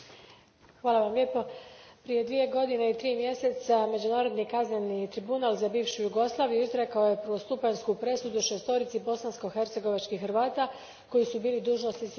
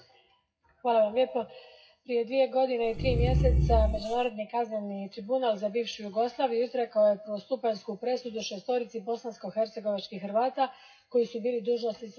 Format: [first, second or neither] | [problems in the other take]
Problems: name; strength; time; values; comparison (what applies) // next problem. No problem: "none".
first | noise reduction (classical method WPE with log-MMSE)